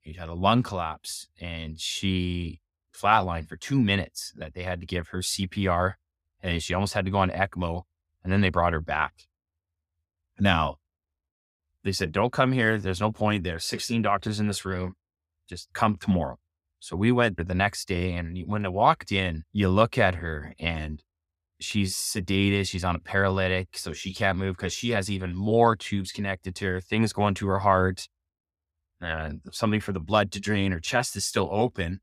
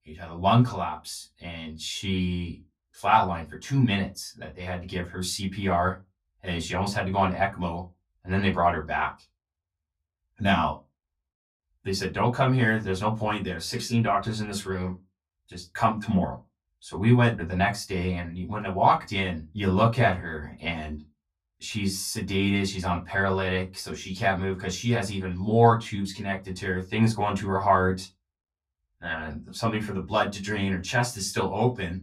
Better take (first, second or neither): first